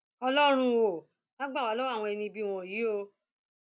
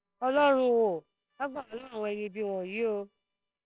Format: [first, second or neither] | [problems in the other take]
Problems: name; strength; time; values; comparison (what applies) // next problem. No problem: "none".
first | noise reduction (neural separator model SepFormer WHAMR!)